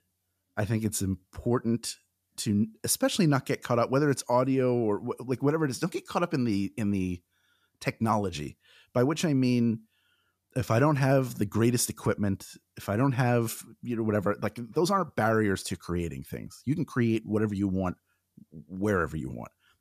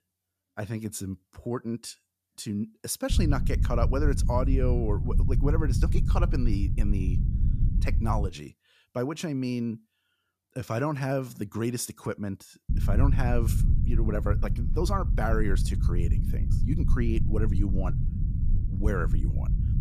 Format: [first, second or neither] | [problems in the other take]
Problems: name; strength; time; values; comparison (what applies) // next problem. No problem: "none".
first | low rumble; loud; from 3 to 8.5 s and from 13 s on; 9 dB below the speech